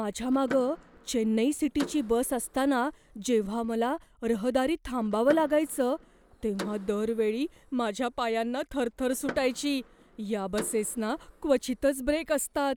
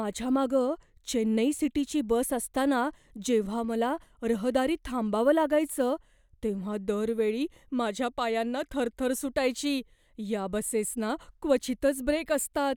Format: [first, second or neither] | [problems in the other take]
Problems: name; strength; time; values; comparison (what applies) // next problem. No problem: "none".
second | background sound (Door / Car); 17 dB below the speech